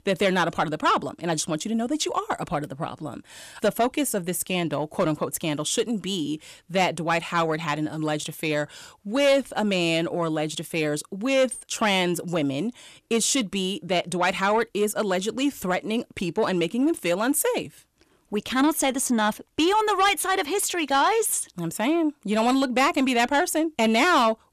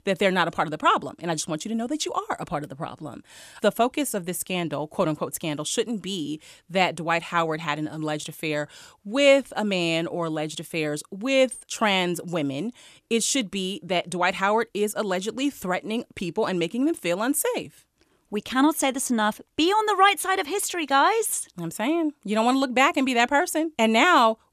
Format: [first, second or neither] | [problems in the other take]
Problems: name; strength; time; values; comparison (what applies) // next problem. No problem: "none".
second | distortion; slight; 10 dB below the speech